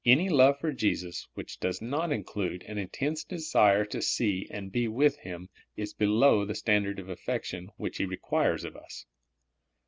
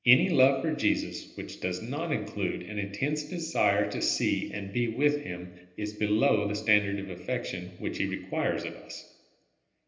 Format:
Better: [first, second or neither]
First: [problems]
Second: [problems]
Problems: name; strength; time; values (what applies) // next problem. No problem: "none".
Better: first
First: none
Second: room echo; dies away in 0.8 s